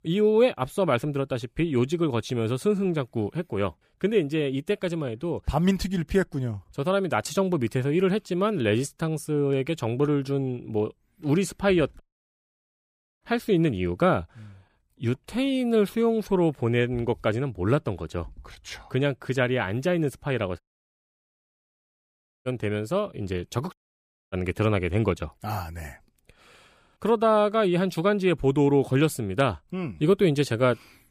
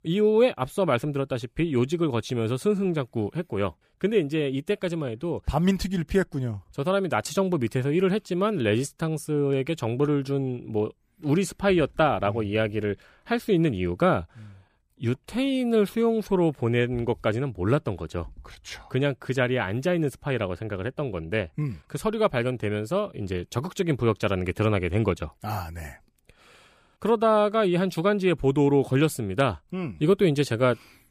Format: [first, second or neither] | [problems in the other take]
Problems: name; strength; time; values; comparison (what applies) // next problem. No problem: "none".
second | audio cutting out; at 12 s for 1 s, at 21 s for 2 s and at 24 s for 0.5 s